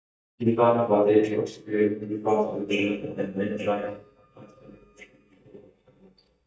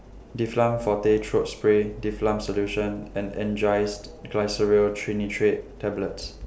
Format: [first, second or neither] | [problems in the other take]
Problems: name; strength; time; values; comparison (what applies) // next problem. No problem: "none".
second | noise reduction (neural mask model DeepFilterNet 3)